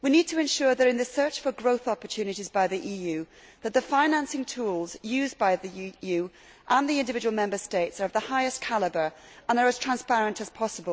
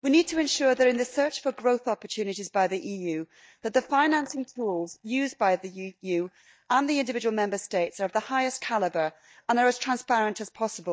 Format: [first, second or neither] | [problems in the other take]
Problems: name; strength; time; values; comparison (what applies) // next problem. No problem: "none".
first | noise reduction (neural mask model DeepFilterNet 3)